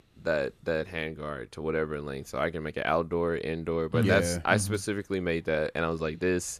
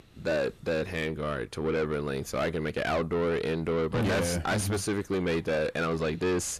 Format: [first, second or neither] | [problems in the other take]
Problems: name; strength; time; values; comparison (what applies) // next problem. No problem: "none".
first | distortion; heavy; 6 dB below the speech